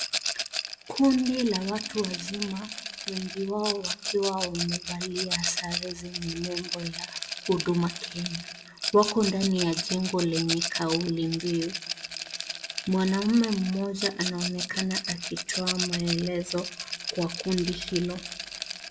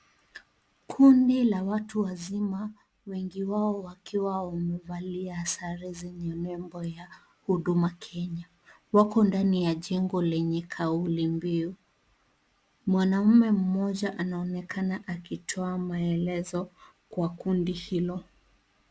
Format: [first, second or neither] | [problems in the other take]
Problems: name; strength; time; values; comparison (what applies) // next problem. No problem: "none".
second | background sound (Rattle); 5 dB below the speech // room echo; dies away in 0.9 s